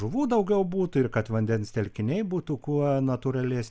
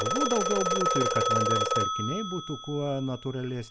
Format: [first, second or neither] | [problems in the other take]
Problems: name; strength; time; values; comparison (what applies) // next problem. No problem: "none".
first | background sound (Telephone); 2 dB above the speech